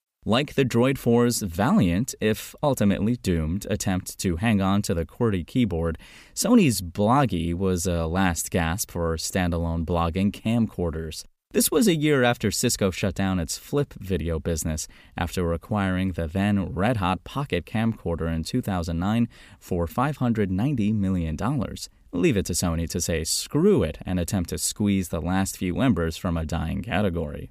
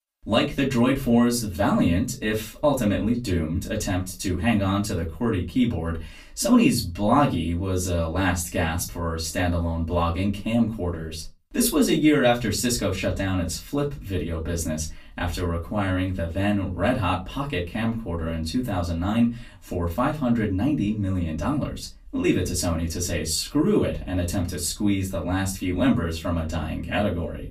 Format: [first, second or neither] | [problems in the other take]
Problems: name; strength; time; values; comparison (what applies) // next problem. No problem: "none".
first | off-mic speech; far // room echo; very slight; dies away in 0.2 s